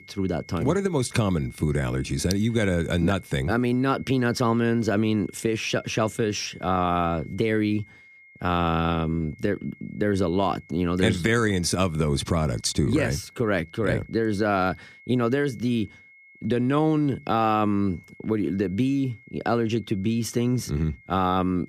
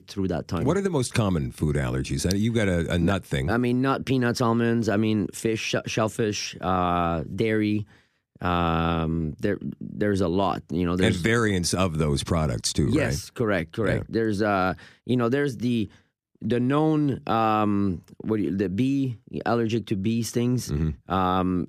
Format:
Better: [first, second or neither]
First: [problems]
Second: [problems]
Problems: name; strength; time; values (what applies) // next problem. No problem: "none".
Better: second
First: high-pitched whine; faint; throughout; 2 kHz, 25 dB below the speech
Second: none